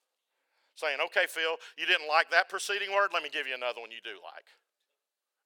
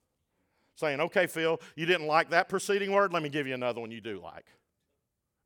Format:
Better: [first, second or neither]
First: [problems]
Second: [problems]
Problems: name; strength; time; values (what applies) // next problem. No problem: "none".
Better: second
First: thin; very; fading below 550 Hz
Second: none